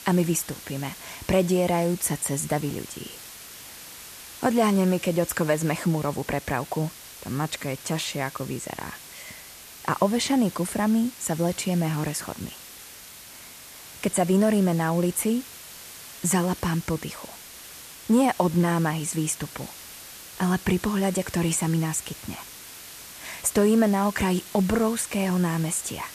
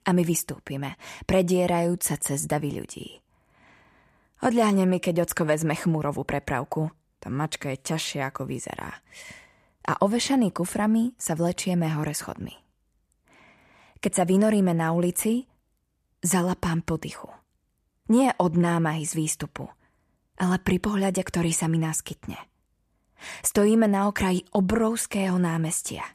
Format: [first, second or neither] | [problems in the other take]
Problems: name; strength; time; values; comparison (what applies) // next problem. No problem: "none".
second | hiss; noticeable; throughout; 15 dB below the speech